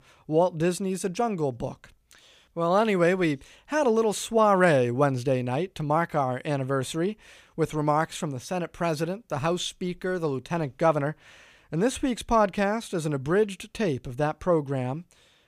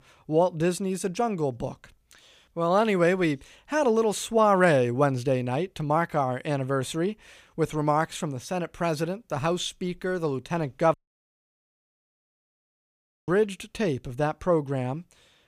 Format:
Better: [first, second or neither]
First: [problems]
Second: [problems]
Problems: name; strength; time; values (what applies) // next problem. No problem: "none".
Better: first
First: none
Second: audio cutting out; at 11 s for 2.5 s